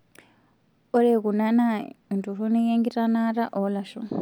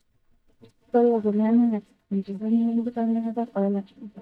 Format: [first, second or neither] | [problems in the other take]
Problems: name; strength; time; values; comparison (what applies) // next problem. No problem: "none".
first | noise reduction (neural mask model DeepFilterNet 3)